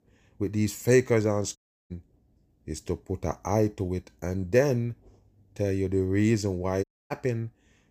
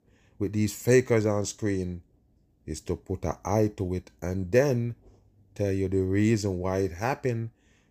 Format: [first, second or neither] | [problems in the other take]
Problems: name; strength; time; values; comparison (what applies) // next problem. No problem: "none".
second | audio cutting out; at 1.5 s and at 7 s